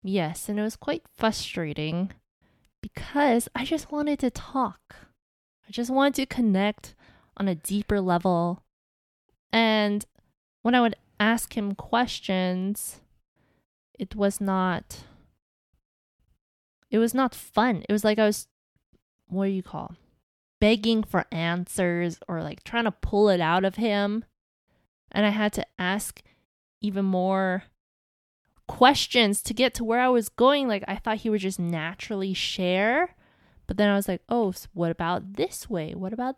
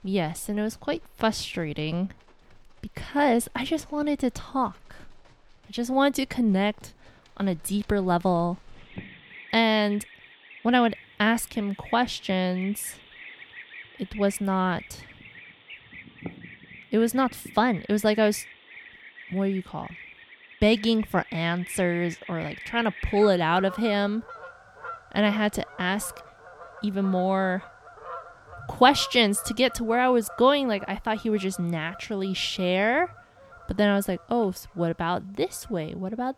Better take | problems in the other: first | animal sounds; noticeable; throughout; 20 dB below the speech

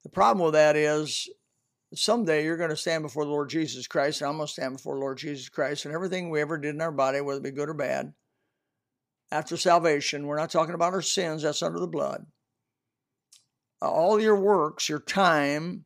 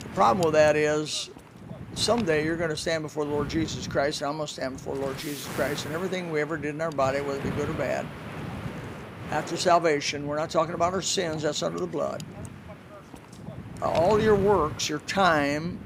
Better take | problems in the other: first | wind noise on the microphone; occasional gusts; 15 dB below the speech

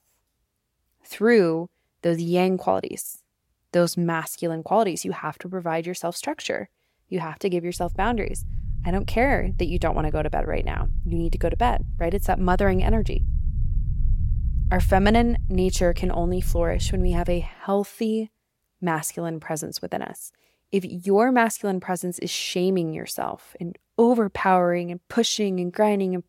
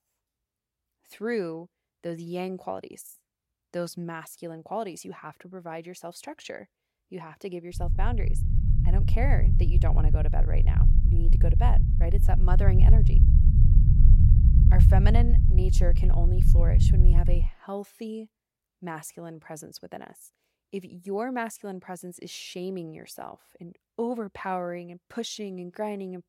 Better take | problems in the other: first | low rumble; loud; from 8 to 17 s; 3 dB below the speech; faint in the first

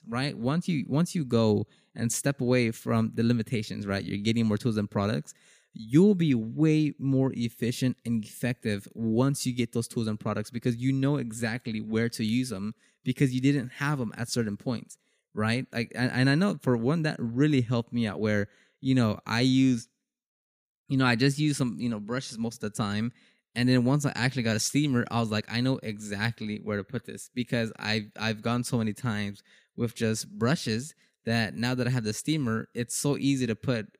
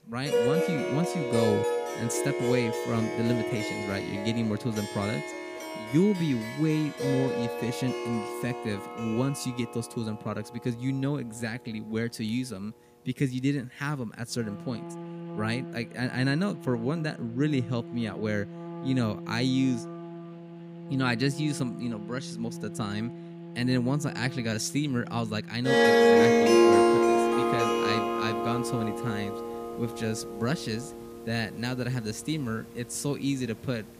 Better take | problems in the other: first | background music; very loud; throughout; 2 dB above the speech

